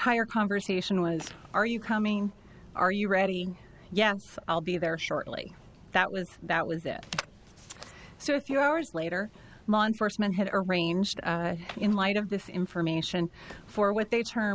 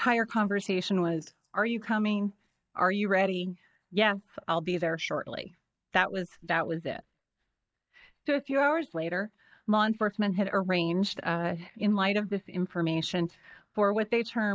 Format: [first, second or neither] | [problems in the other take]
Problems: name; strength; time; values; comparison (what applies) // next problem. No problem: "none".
first | noise reduction (neural mask model DeepFilterNet 3)